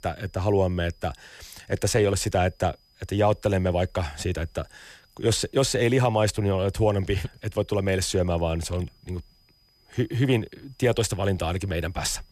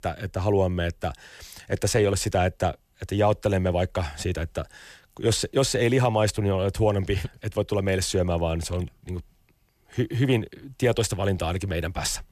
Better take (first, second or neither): second